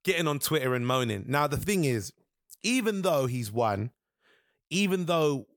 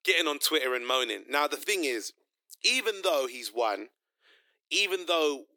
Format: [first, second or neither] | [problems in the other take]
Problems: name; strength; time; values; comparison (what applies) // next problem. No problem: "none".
first | thin; very; fading below 300 Hz